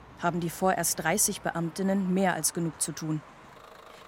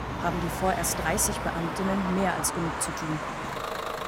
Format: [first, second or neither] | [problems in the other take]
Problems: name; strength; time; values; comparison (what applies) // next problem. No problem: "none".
first | traffic noise; loud; throughout; 3 dB below the speech; faint in the first